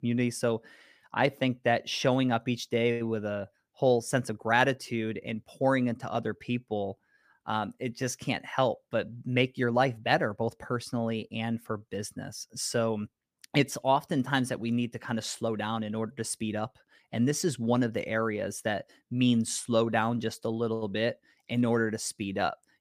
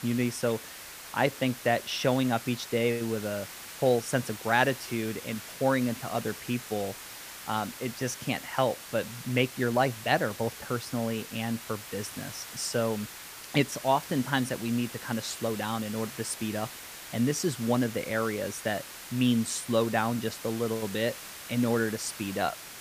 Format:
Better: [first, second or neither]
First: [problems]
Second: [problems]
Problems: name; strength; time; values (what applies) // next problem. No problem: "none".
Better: first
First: none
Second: hiss; noticeable; throughout; 10 dB below the speech